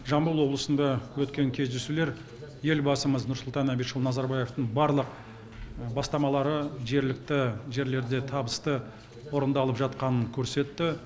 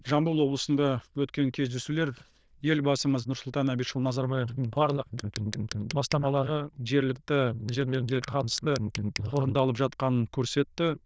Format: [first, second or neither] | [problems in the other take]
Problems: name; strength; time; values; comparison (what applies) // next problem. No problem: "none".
first | noise reduction (neural diffusion model UNIVERSE++)